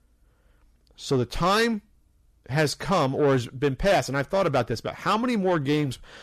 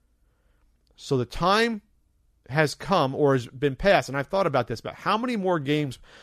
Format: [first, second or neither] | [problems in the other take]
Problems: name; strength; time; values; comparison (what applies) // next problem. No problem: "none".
second | distortion; slight; 10 dB below the speech